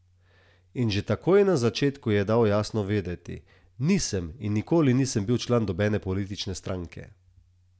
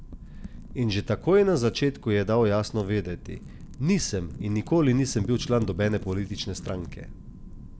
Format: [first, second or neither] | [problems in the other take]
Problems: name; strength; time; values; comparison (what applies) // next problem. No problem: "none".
first | background sound (Wind / Fire); 14 dB below the speech